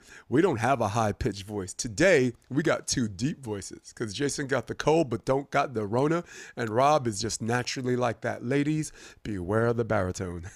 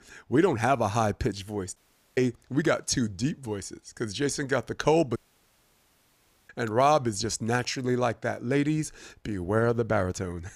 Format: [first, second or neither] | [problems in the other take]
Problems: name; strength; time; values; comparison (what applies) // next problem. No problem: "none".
first | audio cutting out; at 2 s and at 5 s for 1.5 s